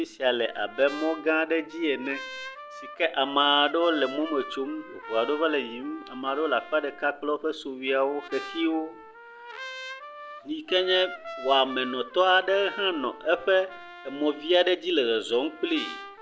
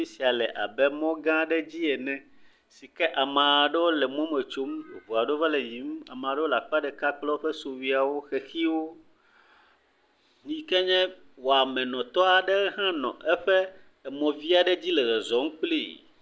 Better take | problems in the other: second | background sound (Trumpet); 15 dB below the speech

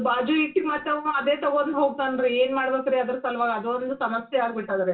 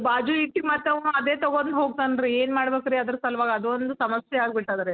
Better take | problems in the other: second | room echo; dies away in 0.2 s

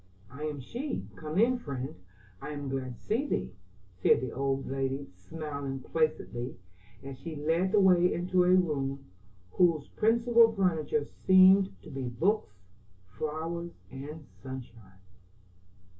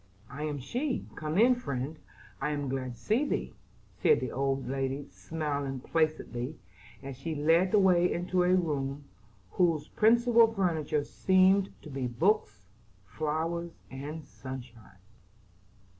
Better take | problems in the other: second | room echo; dies away in 0.1 s

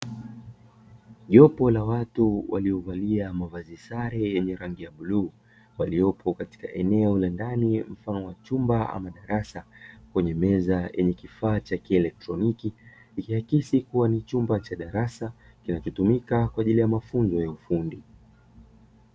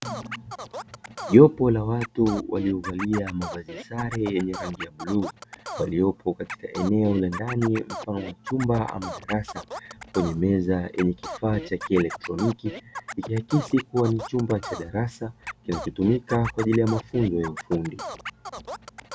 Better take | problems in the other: first | background sound (Scratching (performance technique)); 13 dB below the speech

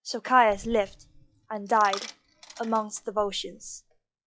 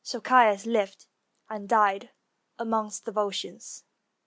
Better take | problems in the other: second | noise reduction (classical method log-MMSE)

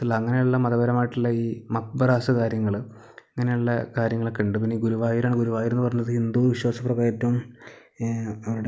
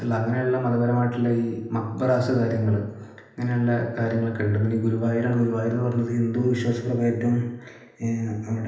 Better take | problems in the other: first | room echo; dies away in 0.9 s

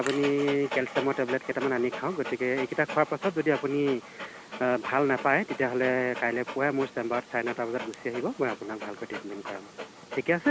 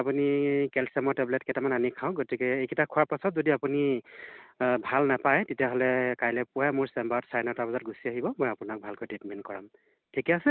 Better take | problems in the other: second | background sound (Dog); 12 dB below the speech

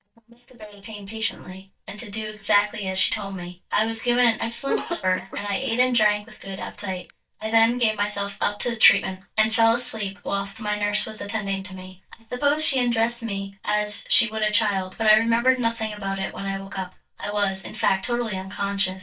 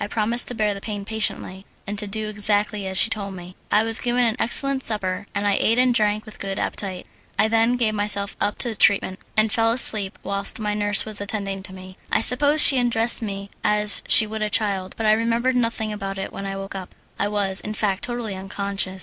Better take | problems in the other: second | noise reduction (neural mask model DeepFilterNet 3)

